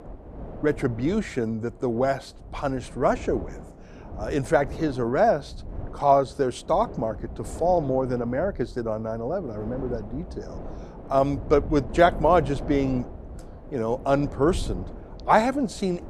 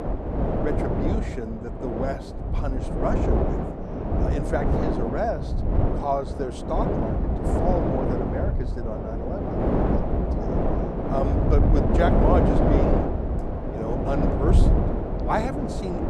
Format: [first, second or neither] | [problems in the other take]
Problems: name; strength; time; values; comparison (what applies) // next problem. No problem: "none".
first | wind noise on the microphone; heavy; 1 dB above the speech; occasional gusts in the first